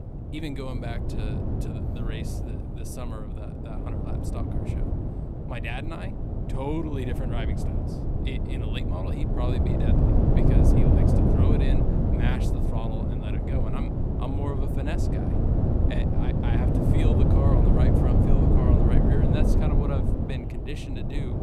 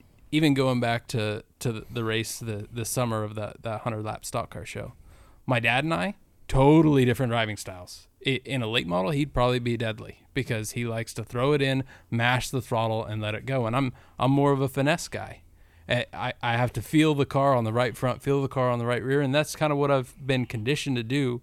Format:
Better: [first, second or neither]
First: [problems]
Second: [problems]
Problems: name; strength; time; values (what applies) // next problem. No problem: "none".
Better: second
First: wind noise on the microphone; heavy; 4 dB above the speech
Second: none